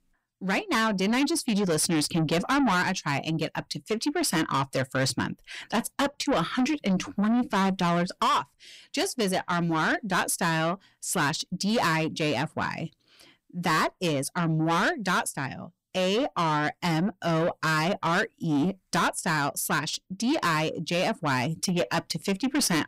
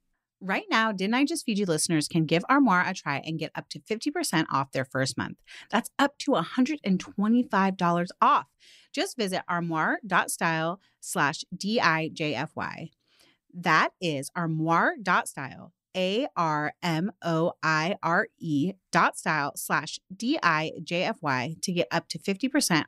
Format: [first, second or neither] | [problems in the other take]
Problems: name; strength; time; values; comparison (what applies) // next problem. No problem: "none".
second | distortion; heavy; 7 dB below the speech